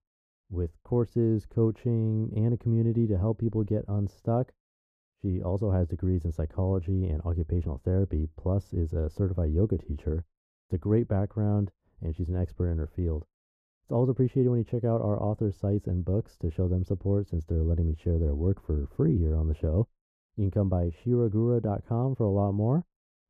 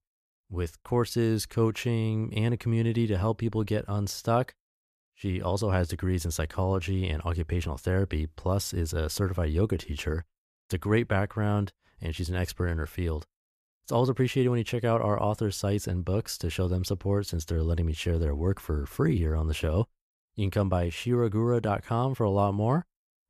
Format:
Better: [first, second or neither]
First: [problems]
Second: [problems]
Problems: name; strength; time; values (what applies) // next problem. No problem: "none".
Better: second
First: muffled; very; fading above 1 kHz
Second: none